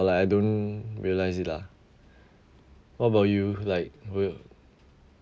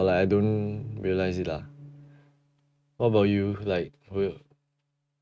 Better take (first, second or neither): first